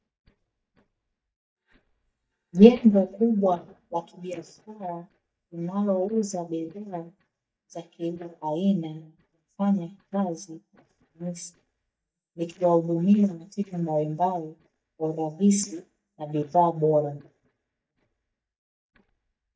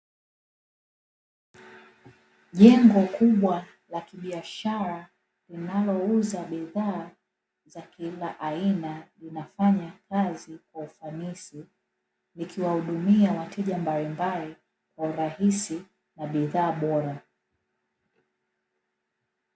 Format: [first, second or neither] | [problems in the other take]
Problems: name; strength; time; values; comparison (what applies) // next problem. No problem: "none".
second | noise reduction (neural mask model DeepFilterNet 3)